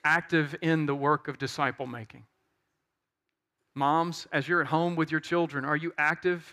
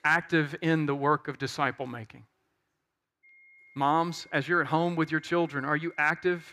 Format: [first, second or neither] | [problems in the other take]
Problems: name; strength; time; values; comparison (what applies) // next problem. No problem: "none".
first | high-pitched whine; faint; from 3 s on; 2 kHz, 25 dB below the speech